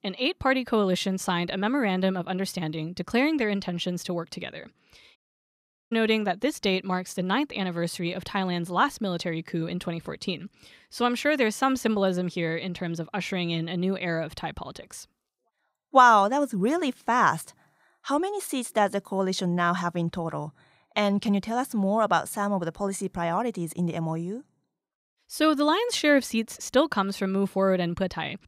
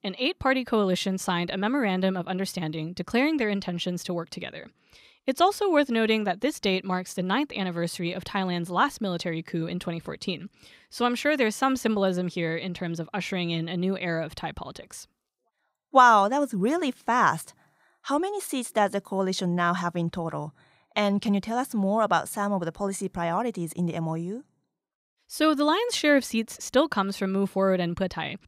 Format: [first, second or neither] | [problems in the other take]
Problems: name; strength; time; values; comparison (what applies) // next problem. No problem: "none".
second | audio cutting out; at 5 s for 1 s